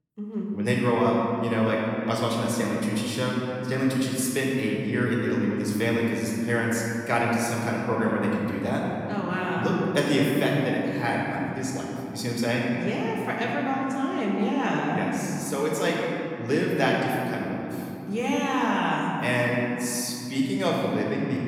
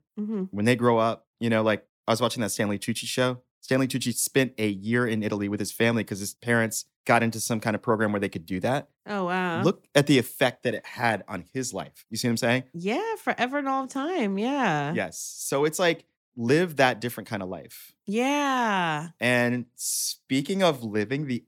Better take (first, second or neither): second